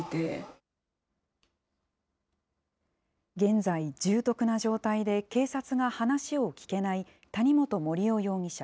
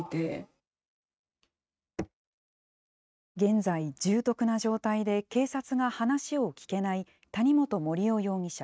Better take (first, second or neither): first